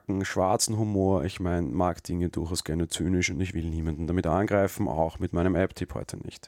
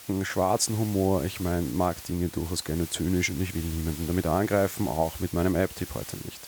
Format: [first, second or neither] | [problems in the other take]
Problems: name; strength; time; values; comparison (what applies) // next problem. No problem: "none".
first | hiss; noticeable; throughout; 10 dB below the speech